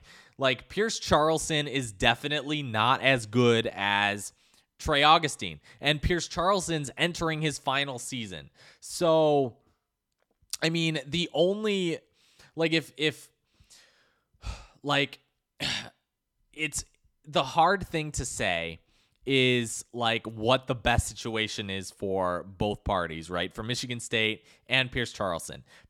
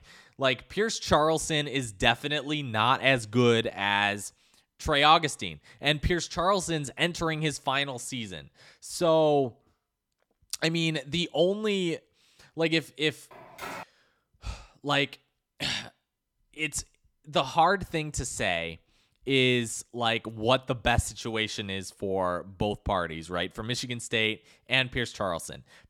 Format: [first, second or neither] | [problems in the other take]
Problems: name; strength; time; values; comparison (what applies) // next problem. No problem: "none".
first | phone ringing; faint; at 13 s; peak 10 dB below the speech